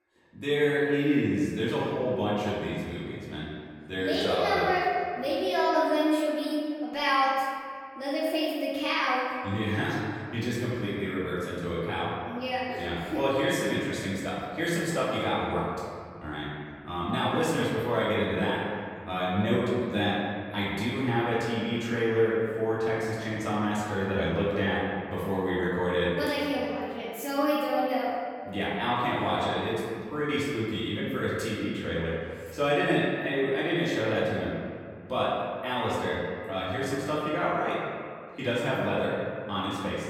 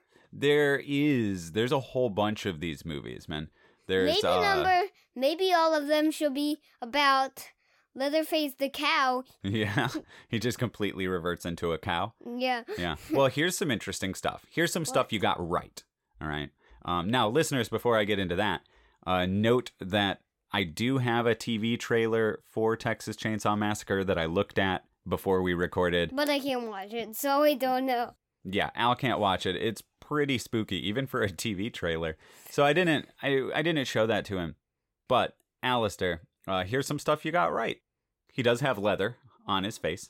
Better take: second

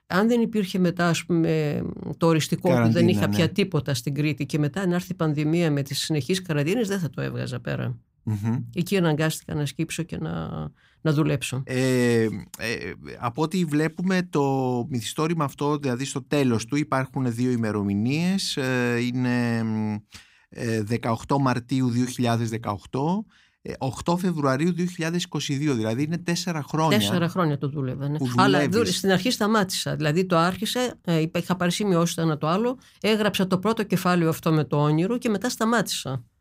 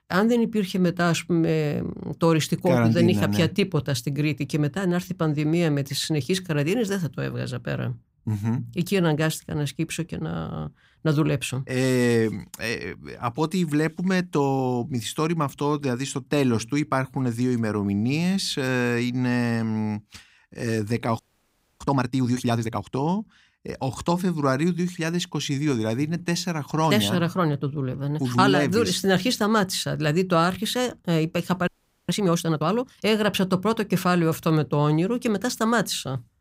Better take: first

